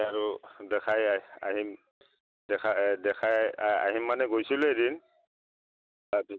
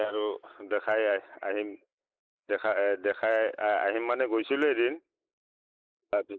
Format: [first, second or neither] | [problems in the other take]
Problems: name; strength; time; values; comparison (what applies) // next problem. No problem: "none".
first | noise reduction (neural mask model Resemble Enhance denoiser)